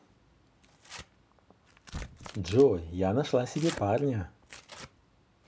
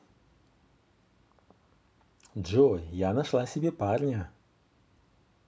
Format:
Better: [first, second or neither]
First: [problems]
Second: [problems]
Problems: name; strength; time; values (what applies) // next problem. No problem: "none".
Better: second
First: background sound (Tearing); 16 dB below the speech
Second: none